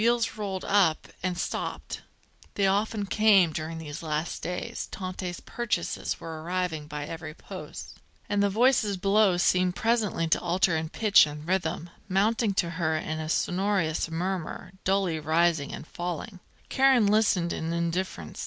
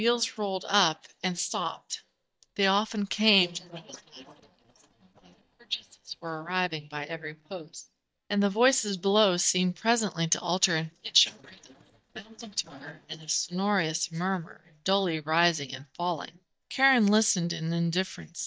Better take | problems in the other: first | noise reduction (neural mask model DeepFilterNet 3)

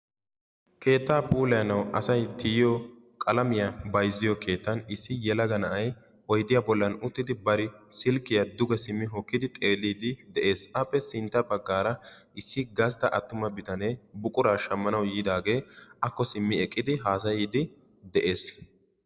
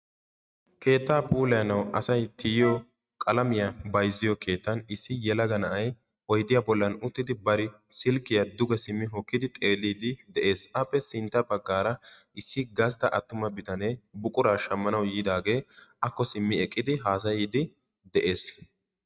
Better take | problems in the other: first | noise reduction (neural mask model RNNoise)

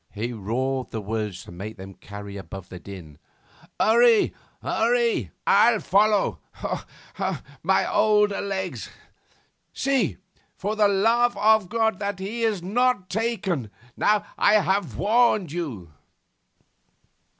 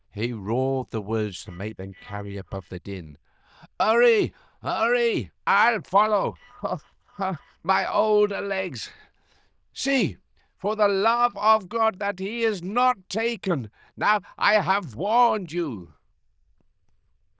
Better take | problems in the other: first | noise reduction (neural diffusion model UNIVERSE++)

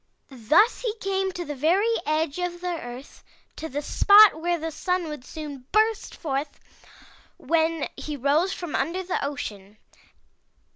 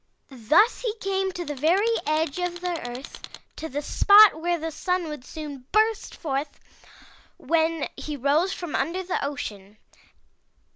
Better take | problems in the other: first | background sound (Tools); 15 dB below the speech

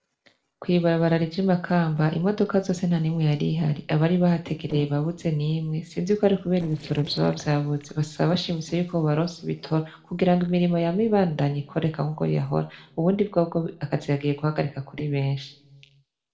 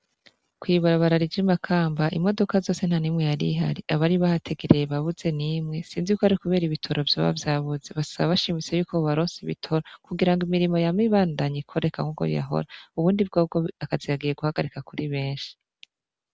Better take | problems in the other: second | noise reduction (neural separator model SepFormer DNS4)

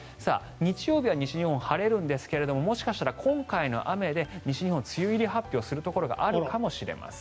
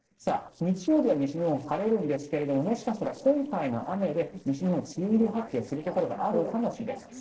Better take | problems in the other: first | noise reduction (neural separator model SepFormer DNS4)

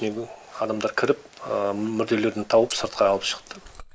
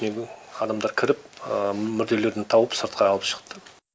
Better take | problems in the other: second | noise reduction (neural mask model Resemble Enhance denoiser)

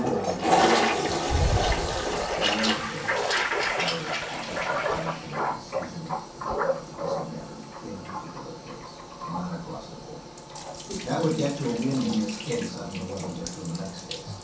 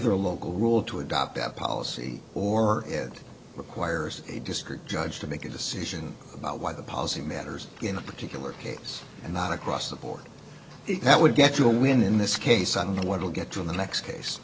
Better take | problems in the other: second | background sound (Toilet flush); 4 dB above the speech // room echo; dies away in 0.6 s

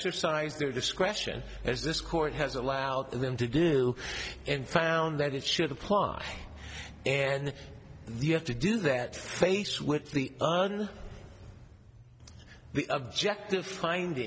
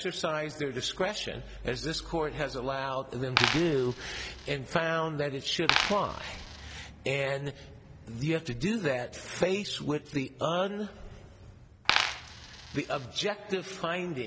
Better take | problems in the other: first | background sound (Coin (dropping)); as loud as the speech

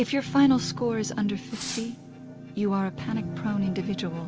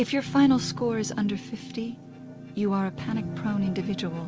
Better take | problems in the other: second | background sound (Fireworks); 14 dB below the speech

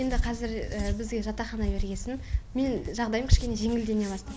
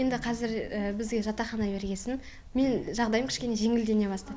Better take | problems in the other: second | background sound (Hands); as loud as the speech

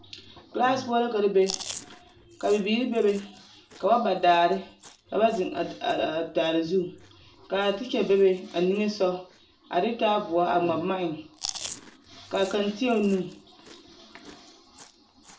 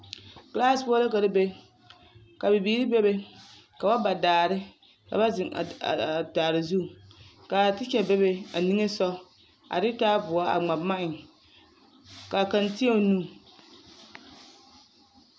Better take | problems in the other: second | background sound (Chewing, mastication); 19 dB below the speech // room echo; dies away in 0.3 s

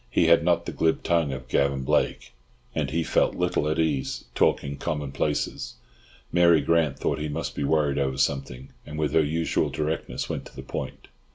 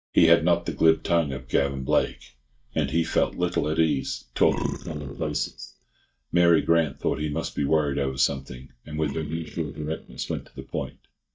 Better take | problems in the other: first | noise reduction (neural mask model DeepFilterNet 3)

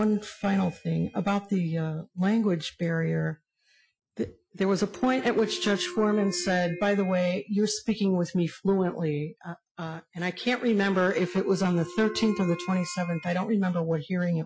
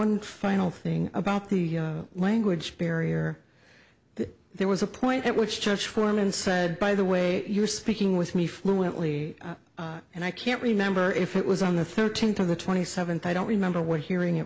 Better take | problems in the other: second | noise reduction (classical method Wiener filter)

